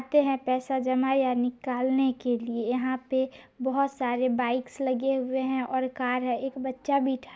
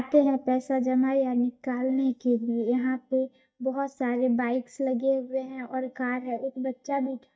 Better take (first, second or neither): first